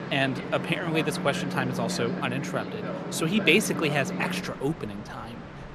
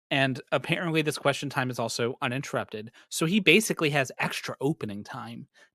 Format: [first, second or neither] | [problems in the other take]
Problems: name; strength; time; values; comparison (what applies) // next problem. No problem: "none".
second | train or aircraft noise; loud; throughout; 6 dB below the speech